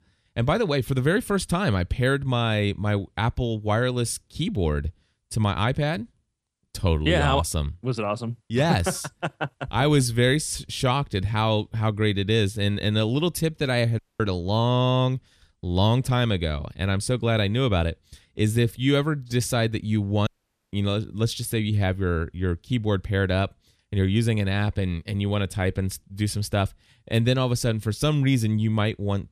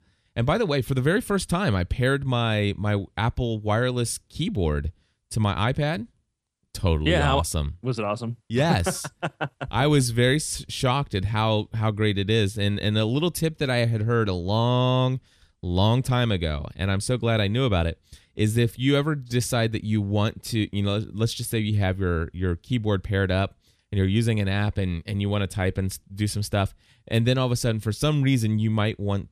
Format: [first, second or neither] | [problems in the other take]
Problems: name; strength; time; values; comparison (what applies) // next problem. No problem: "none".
second | audio cutting out; at 14 s and at 20 s